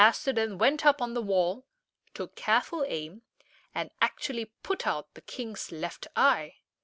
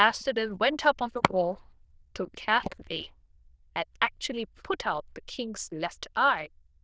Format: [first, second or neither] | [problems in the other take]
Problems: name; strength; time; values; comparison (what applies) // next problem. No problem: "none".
first | noise reduction (neural diffusion model UNIVERSE++)